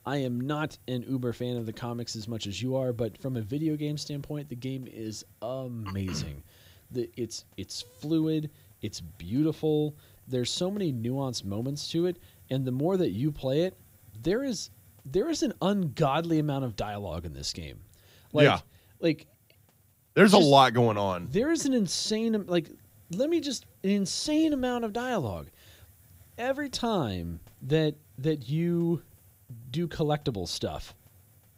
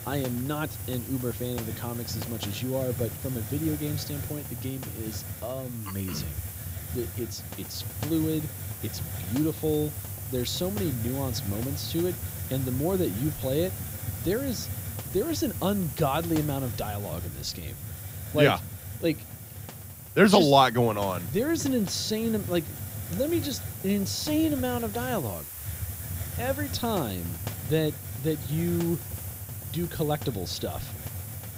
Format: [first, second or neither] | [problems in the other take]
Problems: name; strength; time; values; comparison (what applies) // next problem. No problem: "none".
first | hiss; loud; throughout; 7 dB below the speech; faint in the first